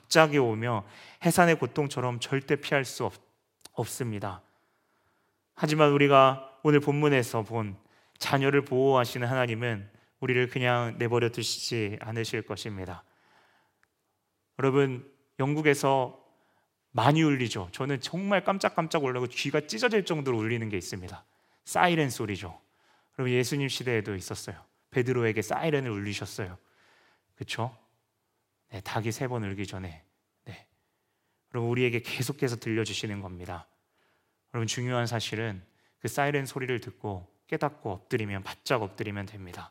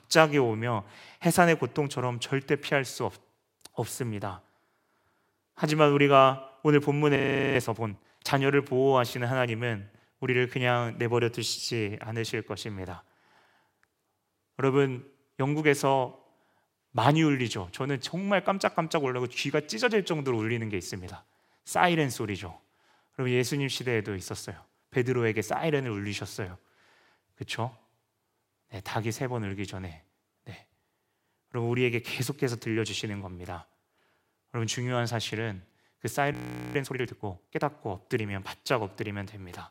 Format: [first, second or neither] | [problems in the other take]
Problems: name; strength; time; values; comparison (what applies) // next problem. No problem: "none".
first | audio freezing; at 7 s and at 36 s